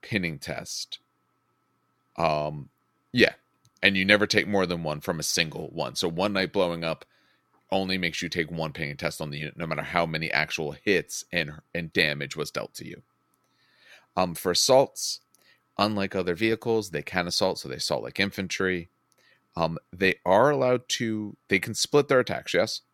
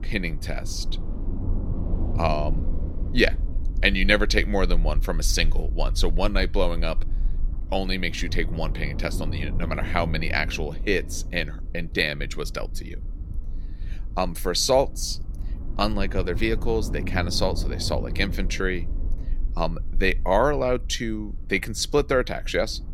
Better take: first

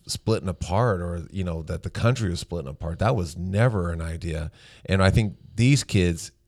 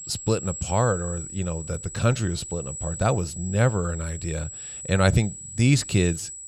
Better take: first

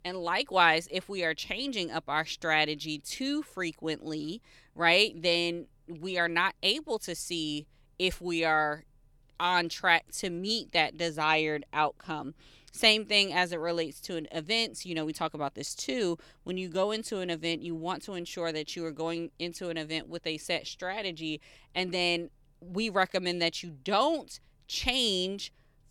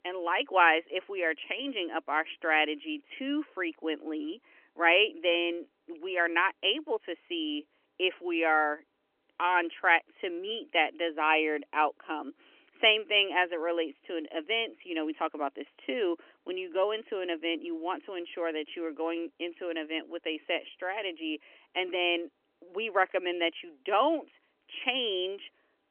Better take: first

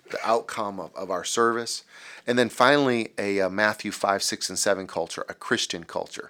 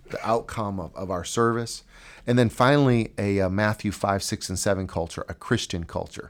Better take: second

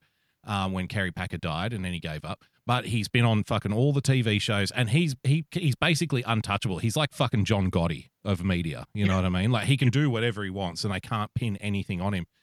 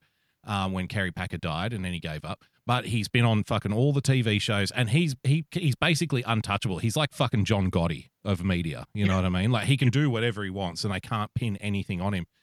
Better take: neither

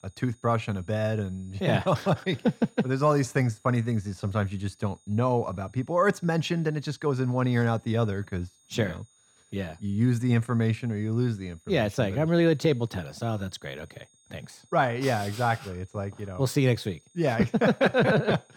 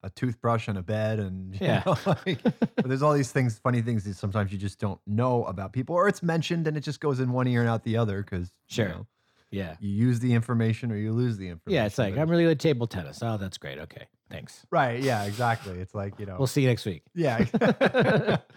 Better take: second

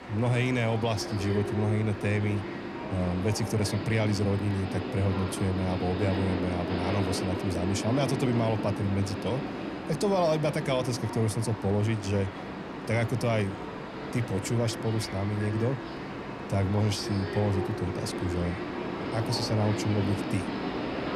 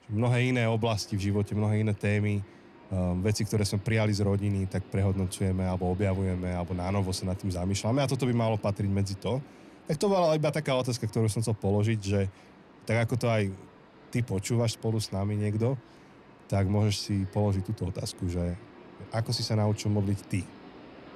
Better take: second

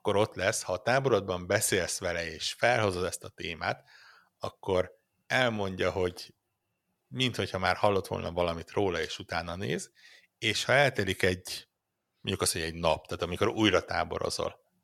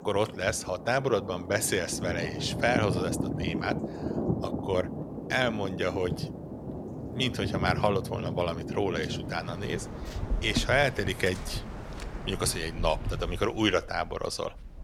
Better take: first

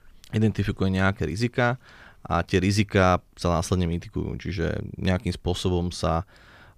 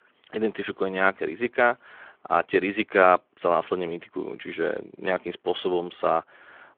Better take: first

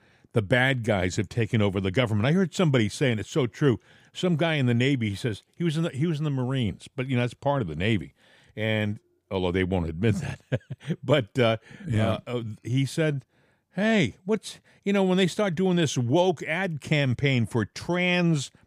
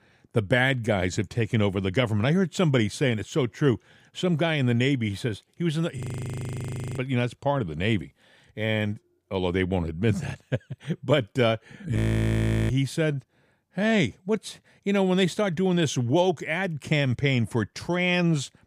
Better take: first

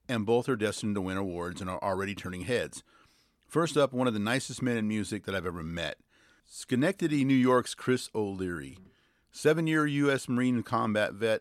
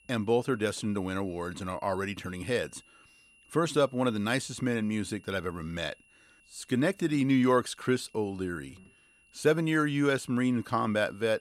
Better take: first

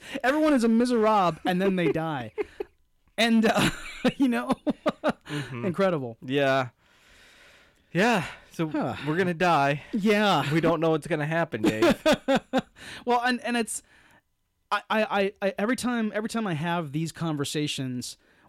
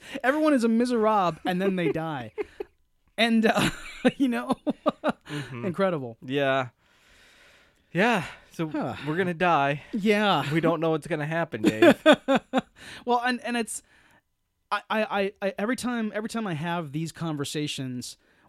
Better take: second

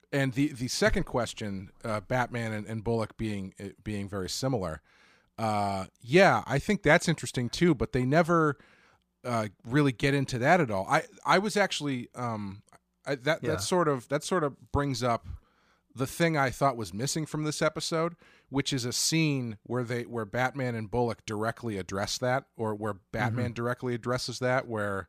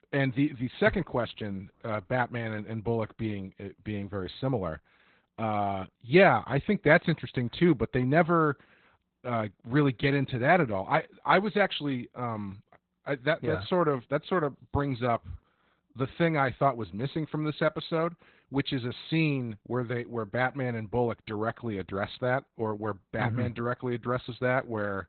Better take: first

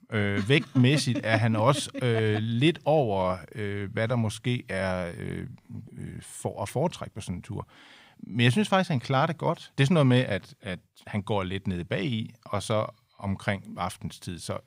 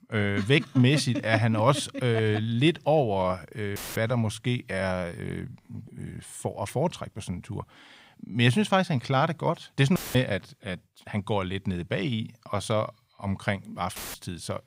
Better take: first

